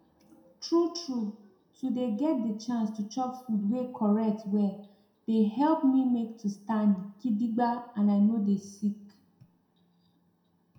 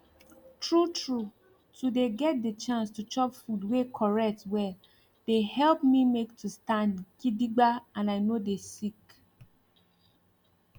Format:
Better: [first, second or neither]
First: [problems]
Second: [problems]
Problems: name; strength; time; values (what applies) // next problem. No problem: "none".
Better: second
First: room echo; dies away in 0.5 s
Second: none